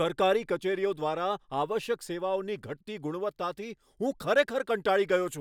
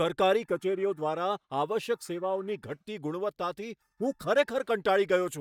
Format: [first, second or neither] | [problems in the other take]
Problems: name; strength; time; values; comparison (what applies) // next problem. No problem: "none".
first | noise reduction (neural mask model DeepFilterNet 3)